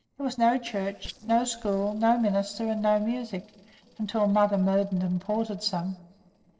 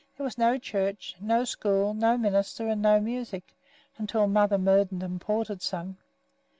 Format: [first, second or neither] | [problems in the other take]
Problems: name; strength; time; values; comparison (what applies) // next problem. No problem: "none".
second | noise reduction (neural separator model SepFormer DNS4)